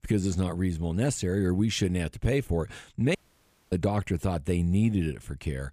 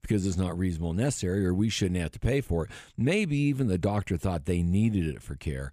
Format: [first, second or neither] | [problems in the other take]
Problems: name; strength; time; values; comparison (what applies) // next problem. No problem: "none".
second | audio cutting out; at 3 s for 0.5 s